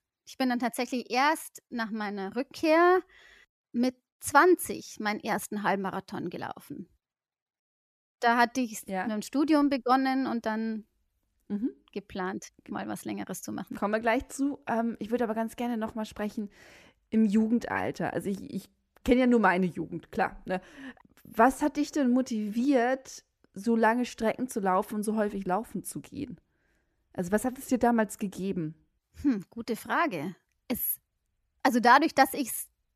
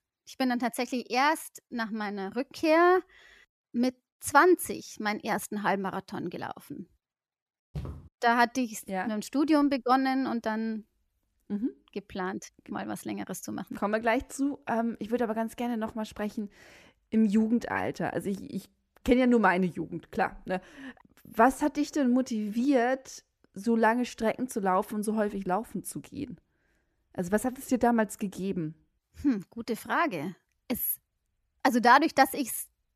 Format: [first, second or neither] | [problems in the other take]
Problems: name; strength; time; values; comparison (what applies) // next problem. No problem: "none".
first | footsteps; faint; at 8 s; peak 10 dB below the speech